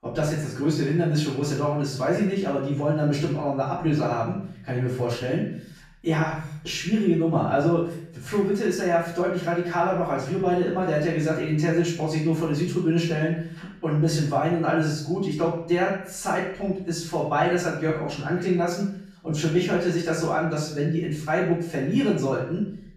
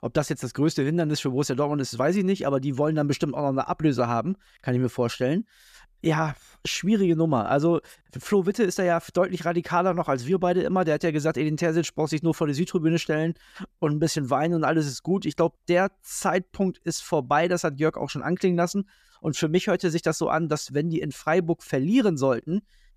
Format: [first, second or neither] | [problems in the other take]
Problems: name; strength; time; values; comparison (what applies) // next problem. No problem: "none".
second | off-mic speech; far // room echo; noticeable; dies away in 0.6 s